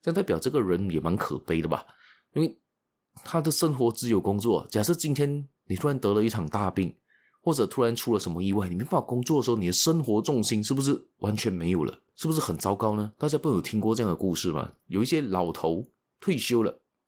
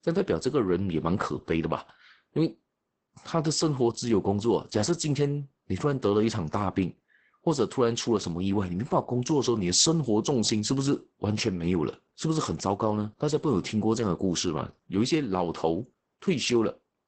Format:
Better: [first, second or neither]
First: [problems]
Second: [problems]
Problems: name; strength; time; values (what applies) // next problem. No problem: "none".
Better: first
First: garbled, watery; slightly; nothing above 15.5 kHz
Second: garbled, watery; badly; nothing above 8 kHz